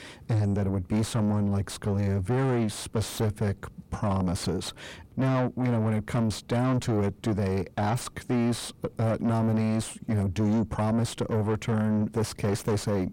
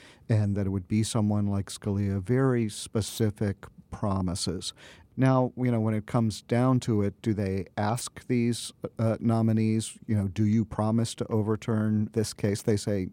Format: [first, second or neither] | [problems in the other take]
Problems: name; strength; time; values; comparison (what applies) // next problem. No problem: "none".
second | distortion; heavy; 5 dB below the speech